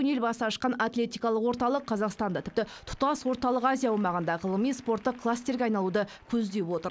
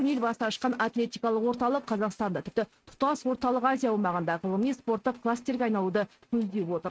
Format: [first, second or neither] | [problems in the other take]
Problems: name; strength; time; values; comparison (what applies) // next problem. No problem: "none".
first | noise reduction (neural mask model RNNoise)